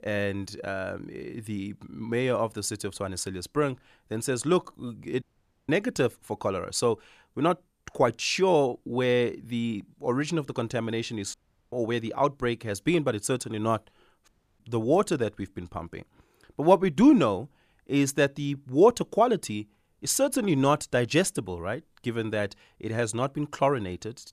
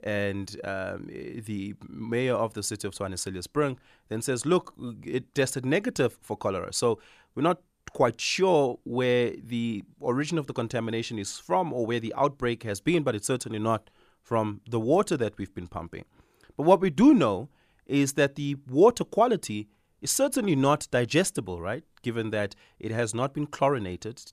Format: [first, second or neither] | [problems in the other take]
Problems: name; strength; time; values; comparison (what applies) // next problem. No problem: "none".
second | audio cutting out; at 5 s, at 11 s and at 14 s